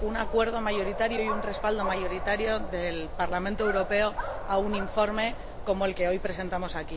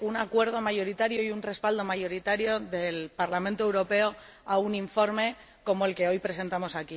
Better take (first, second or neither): second